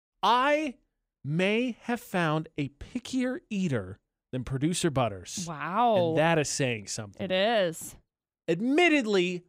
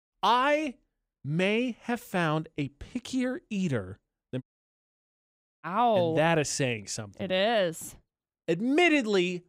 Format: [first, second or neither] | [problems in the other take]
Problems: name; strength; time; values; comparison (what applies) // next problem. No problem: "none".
first | audio cutting out; at 4.5 s for 1 s